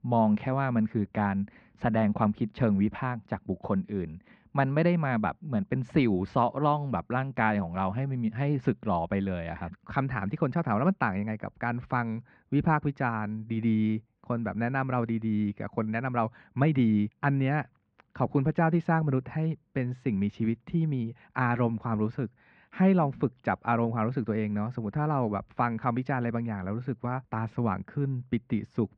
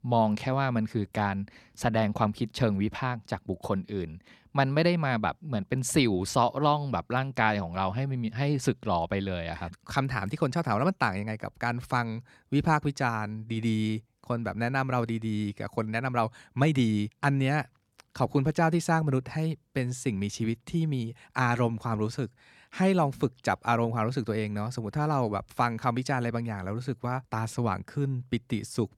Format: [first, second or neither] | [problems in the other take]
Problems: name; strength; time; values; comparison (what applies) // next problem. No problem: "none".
second | muffled; very; fading above 2.5 kHz